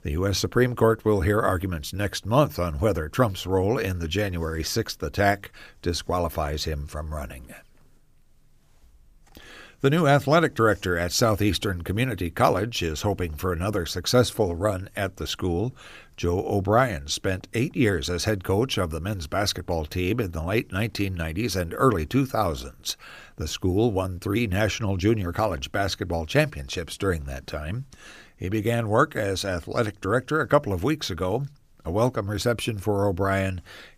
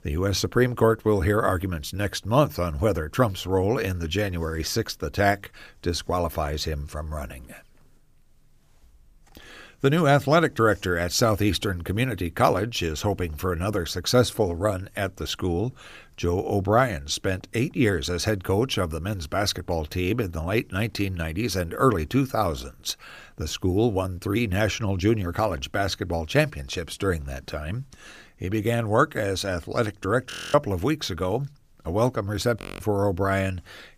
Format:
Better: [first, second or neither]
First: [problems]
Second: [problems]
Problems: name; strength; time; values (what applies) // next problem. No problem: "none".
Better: first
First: none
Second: audio freezing; at 30 s and at 33 s